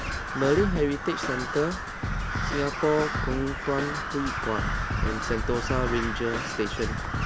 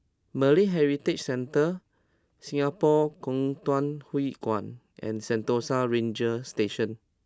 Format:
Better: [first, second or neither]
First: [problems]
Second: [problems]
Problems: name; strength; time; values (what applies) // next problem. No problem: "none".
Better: second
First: background sound (Crow + Drum kit); 1 dB below the speech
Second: none